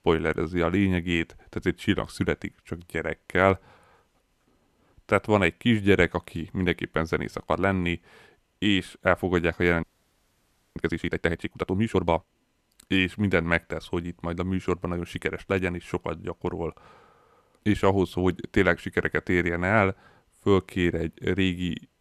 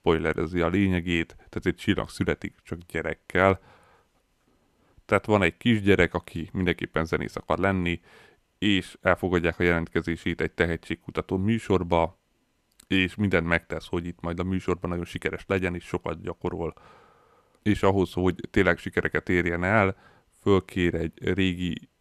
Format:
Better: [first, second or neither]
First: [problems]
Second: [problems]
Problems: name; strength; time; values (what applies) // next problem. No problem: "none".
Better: second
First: audio freezing; at 10 s for 1 s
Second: none